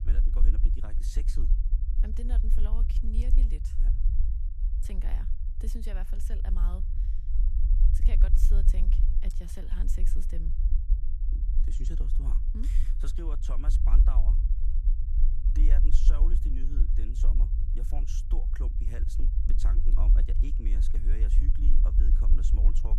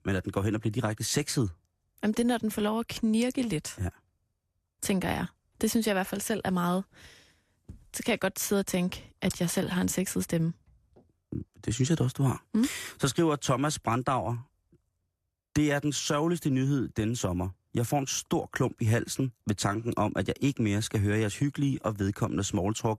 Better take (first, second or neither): second